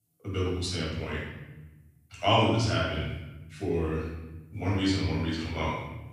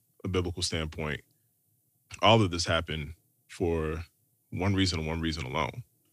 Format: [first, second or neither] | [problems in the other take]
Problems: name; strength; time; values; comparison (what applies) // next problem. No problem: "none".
second | off-mic speech; far // room echo; strong; dies away in 1.1 s